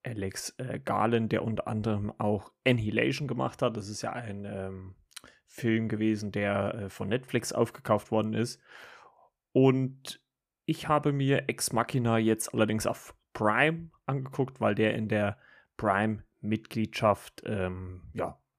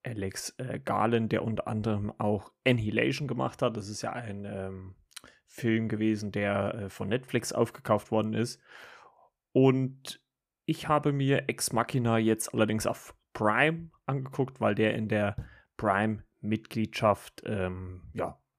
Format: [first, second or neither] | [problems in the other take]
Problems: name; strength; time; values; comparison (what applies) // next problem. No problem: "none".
first | door banging; faint; at 15 s; peak 15 dB below the speech